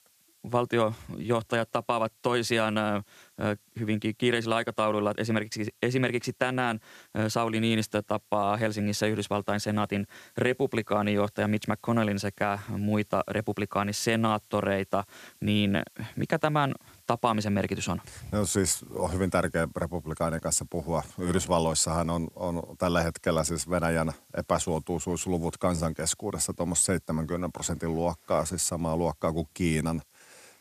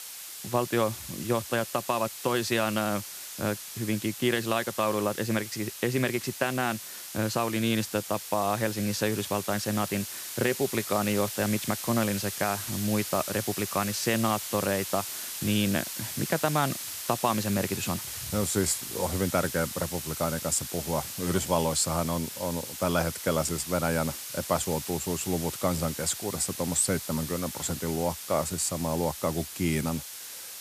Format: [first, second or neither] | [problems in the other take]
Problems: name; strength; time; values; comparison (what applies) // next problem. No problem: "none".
first | hiss; loud; throughout; 6 dB below the speech; faint in the first